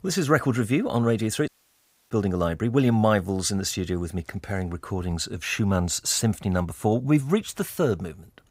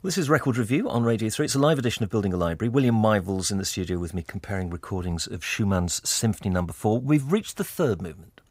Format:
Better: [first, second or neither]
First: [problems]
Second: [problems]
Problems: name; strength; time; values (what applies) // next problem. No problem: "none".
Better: second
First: audio cutting out; at 1.5 s for 0.5 s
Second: none